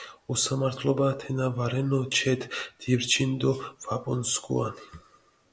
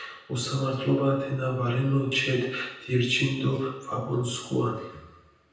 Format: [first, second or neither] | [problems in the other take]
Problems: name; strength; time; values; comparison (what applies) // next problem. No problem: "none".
first | room echo; dies away in 0.9 s